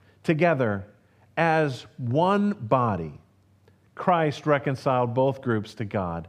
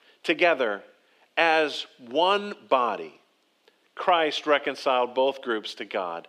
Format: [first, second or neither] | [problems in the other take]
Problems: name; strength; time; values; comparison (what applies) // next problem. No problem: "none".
first | thin; somewhat; fading below 300 Hz